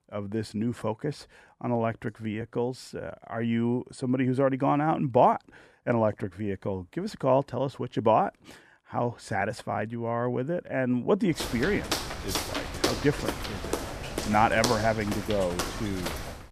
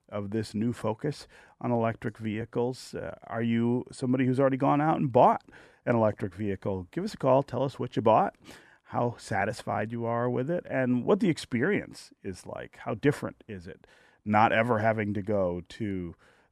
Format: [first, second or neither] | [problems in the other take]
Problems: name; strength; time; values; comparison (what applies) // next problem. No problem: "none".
second | footsteps; noticeable; from 11 s on; peak 1 dB below the speech